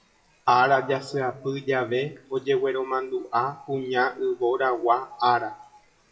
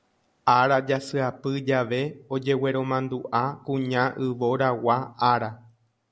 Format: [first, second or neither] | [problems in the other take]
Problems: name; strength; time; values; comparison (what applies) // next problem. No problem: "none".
second | noise reduction (classical method WPE with log-MMSE)